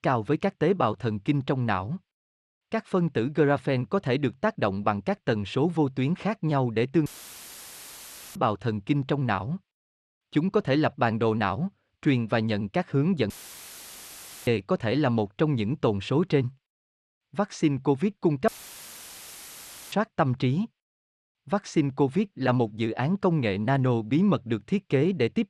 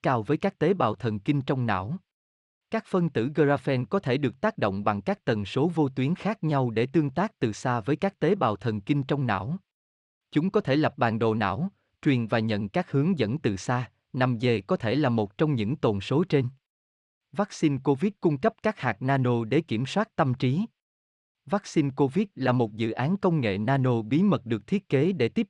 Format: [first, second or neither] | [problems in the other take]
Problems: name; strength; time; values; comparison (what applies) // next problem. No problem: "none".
second | audio cutting out; filled with static; at 7 s for 1.5 s, at 13 s for 1 s and at 18 s for 1.5 s